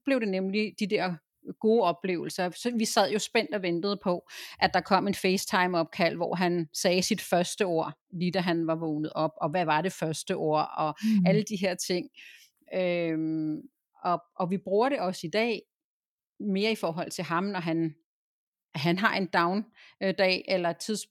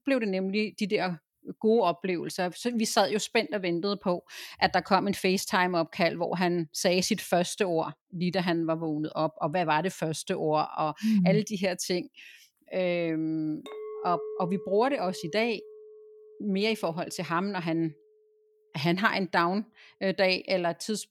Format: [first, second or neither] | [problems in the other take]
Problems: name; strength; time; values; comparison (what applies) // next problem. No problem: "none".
first | clattering dishes; noticeable; from 14 to 17 s; peak 9 dB below the speech